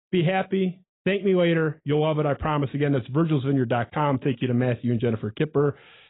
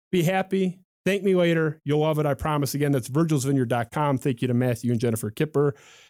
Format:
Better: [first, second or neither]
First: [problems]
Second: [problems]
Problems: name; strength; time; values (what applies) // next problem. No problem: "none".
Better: second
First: garbled, watery; badly; nothing above 3.5 kHz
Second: none